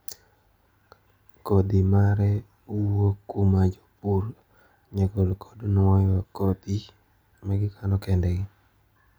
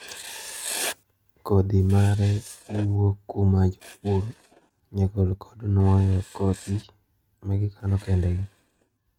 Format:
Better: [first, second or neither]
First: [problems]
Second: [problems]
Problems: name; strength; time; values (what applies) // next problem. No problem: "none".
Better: first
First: none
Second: noise reduction (neural mask model RNNoise)